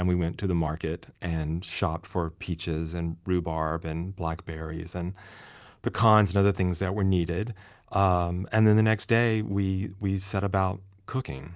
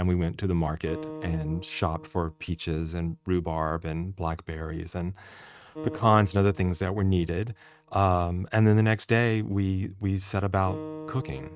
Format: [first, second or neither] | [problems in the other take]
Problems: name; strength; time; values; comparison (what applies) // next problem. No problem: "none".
first | noise reduction (neural mask model RNNoise)